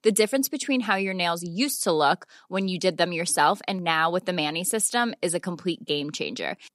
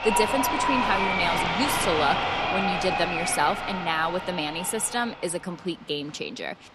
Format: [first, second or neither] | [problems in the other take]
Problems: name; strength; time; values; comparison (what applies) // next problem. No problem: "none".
first | crowd noise; very loud; throughout; 1 dB above the speech